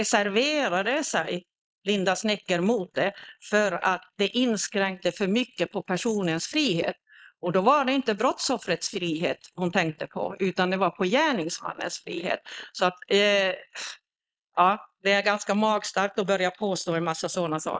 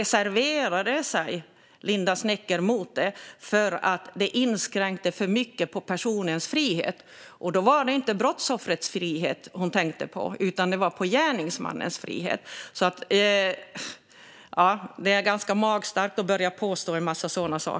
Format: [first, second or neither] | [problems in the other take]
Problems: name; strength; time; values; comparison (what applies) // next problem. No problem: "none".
second | noise reduction (neural mask model Resemble Enhance denoiser)